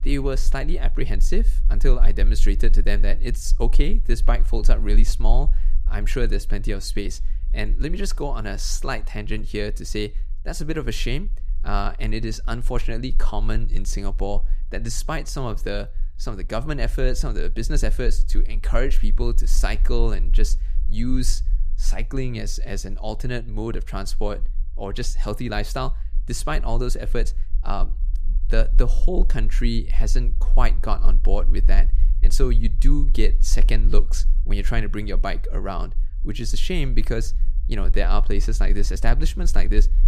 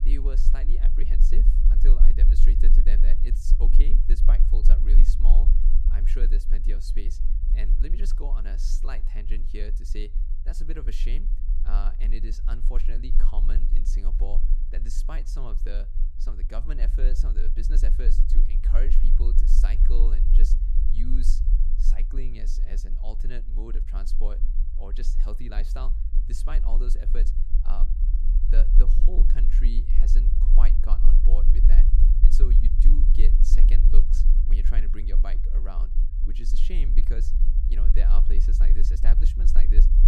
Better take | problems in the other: first | low rumble; loud; throughout; 5 dB below the speech; faint in the first

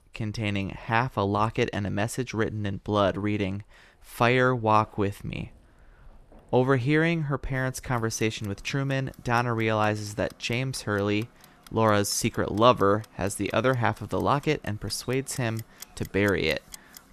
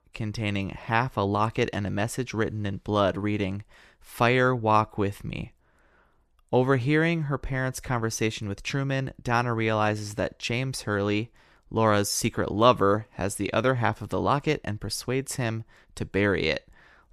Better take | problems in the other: second | household noises; faint; throughout; 25 dB below the speech

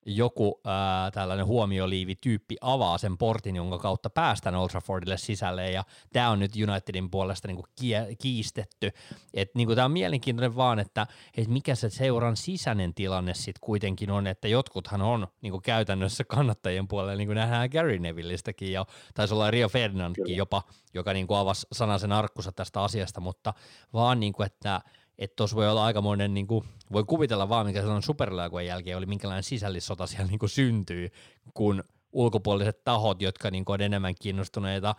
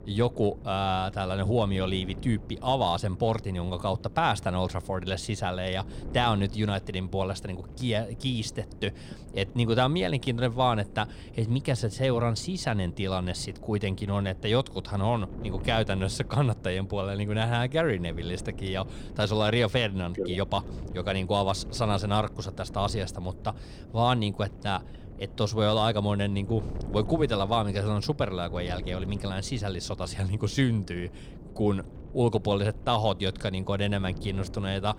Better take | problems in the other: first | wind noise on the microphone; occasional gusts; 20 dB below the speech

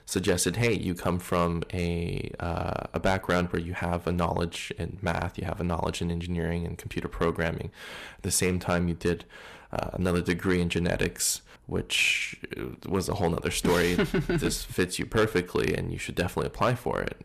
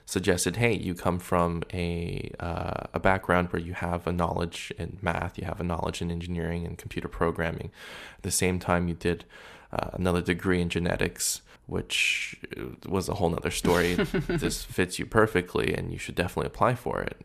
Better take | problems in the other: second | distortion; slight; 2% of the sound clipped

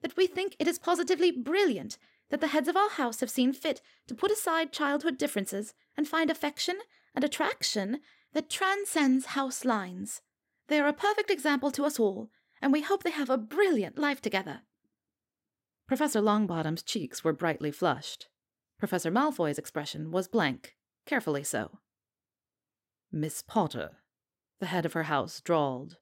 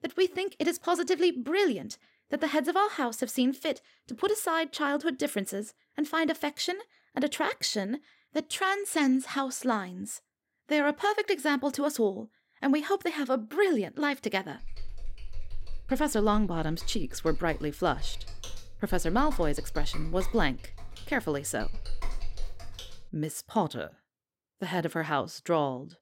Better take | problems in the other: first | keyboard typing; faint; from 15 to 23 s; peak 10 dB below the speech

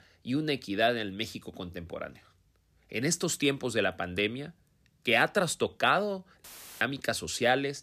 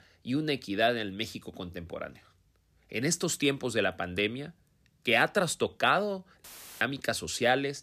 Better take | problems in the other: neither | audio cutting out; filled with static; at 6.5 s; the same in both

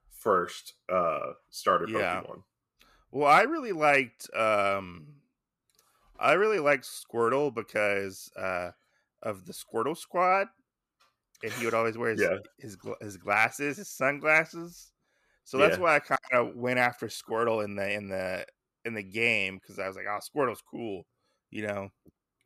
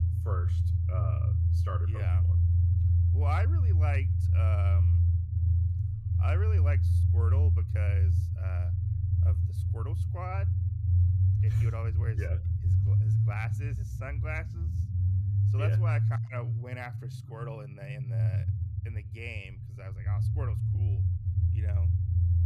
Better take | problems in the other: first | low rumble; loud; throughout; 1 dB below the speech

